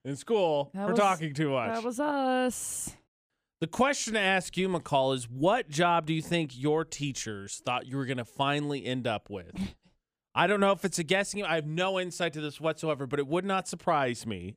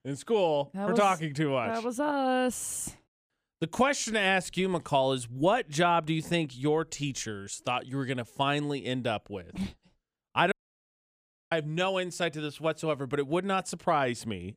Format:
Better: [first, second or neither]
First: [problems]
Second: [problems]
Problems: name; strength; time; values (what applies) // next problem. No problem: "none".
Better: first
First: none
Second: audio cutting out; at 11 s for 1 s